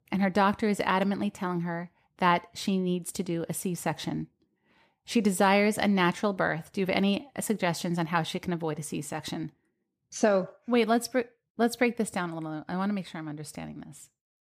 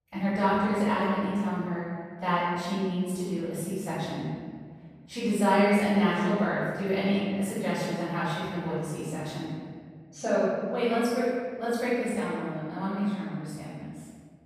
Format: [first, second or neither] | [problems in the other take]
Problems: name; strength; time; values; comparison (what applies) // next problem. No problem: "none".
first | off-mic speech; far // room echo; strong; dies away in 1.8 s